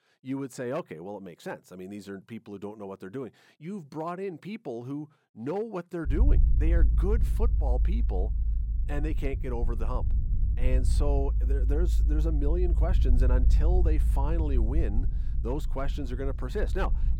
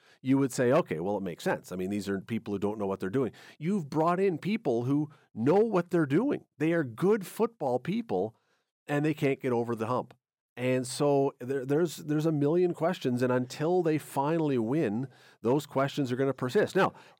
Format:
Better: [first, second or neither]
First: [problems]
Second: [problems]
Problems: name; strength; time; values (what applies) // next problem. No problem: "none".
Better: second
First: low rumble; noticeable; from 6 s on; 10 dB below the speech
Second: none